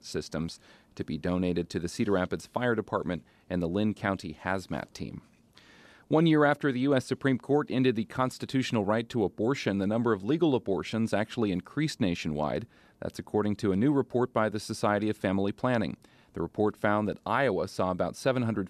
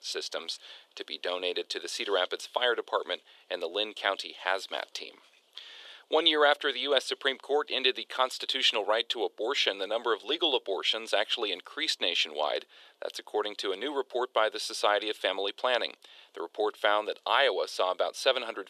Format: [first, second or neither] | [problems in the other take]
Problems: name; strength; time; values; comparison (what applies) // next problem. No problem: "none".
first | thin; very; fading below 400 Hz